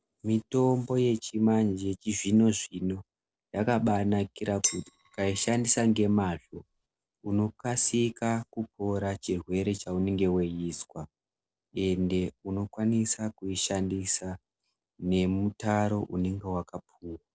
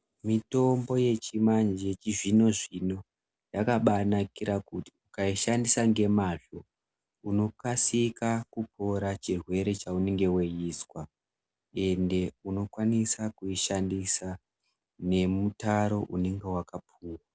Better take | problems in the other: second | noise reduction (neural separator model SepFormer DNS4)

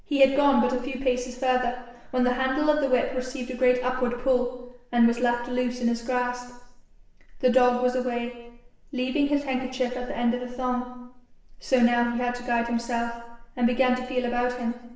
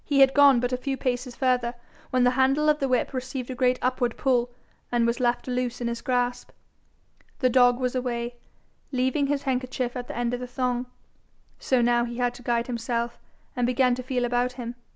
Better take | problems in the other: second | room echo; dies away in 0.9 s

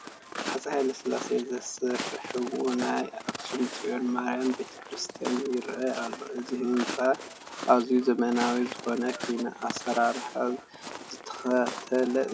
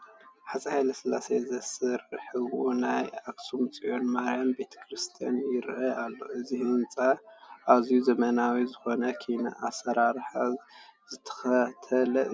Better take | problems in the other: second | background sound (Walk, footsteps); 11 dB below the speech

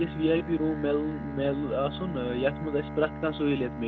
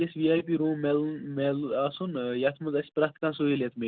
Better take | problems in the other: second | background sound (Bowed string instrument); 9 dB below the speech

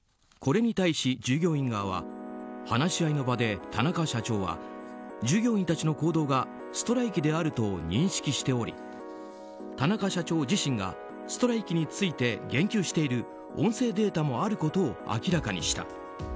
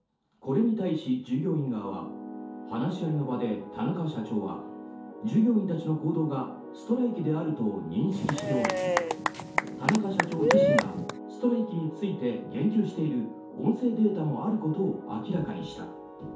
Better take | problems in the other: first | background sound (Applause / Cheering / Clapping); 2 dB above the speech // room echo; dies away in 0.5 s

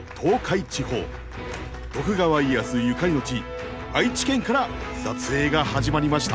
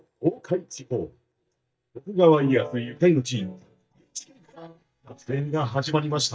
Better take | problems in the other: first | noise reduction (neural mask model DeepFilterNet 3)

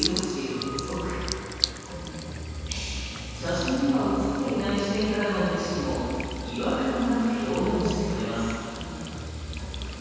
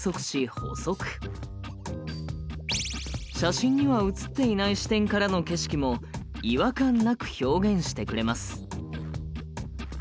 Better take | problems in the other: second | background sound (Sink (filling or washing) / Water tap, faucet); 11 dB below the speech // room echo; dies away in 2.2 s

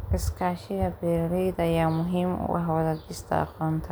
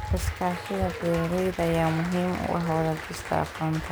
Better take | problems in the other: first | background sound (Applause); 11 dB below the speech

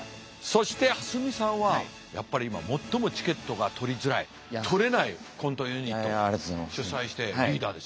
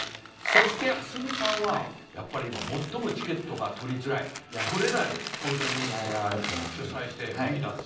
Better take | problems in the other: first | background sound (Coin (dropping)); 2 dB below the speech // room echo; dies away in 0.6 s

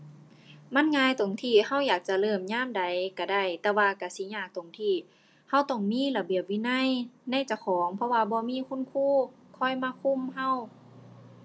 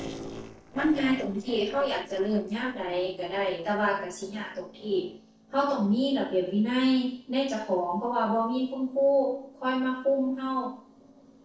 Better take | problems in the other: first | noise reduction (neural separator model SepFormer DNS4)

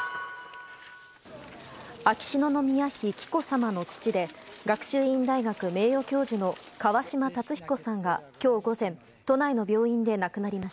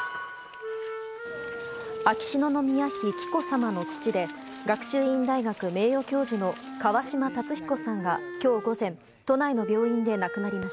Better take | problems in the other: first | background sound (Wind instrument, woodwind instrument); 10 dB below the speech

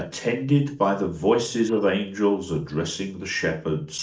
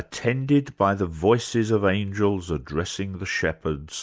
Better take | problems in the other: second | noise reduction (neural separator model SepFormer DNS4)

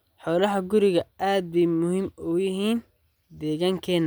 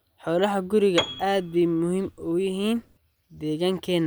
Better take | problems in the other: first | background sound (Piano); 12 dB below the speech

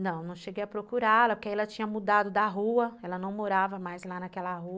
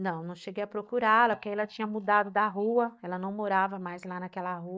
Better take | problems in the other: first | noise reduction (neural mask model DeepFilterNet 3)

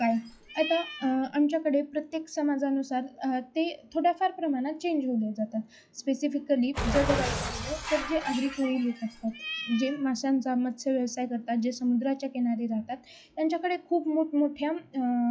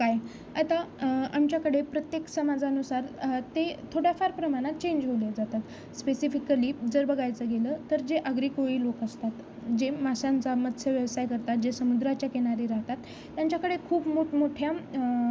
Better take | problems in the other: second | noise reduction (classical method log-MMSE)

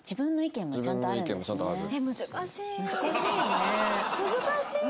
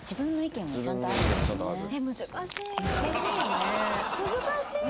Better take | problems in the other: first | background sound (Dog); 5 dB below the speech

